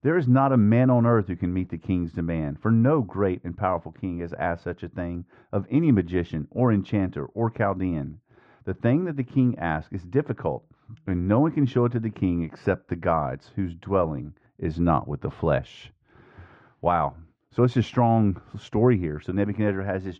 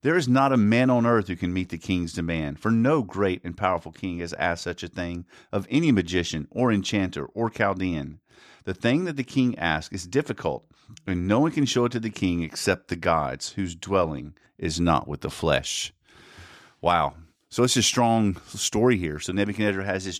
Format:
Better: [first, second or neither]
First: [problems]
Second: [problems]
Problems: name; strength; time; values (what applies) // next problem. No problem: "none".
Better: second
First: muffled; very; fading above 1.5 kHz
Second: none